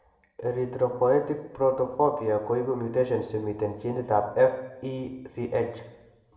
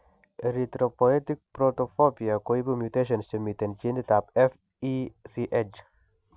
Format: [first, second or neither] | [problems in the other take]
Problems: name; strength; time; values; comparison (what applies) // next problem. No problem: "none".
second | room echo; dies away in 0.8 s